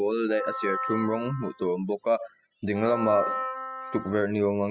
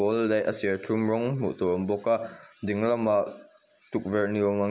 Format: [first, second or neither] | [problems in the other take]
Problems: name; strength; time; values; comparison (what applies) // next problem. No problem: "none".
second | noise reduction (classical method spectral subtraction)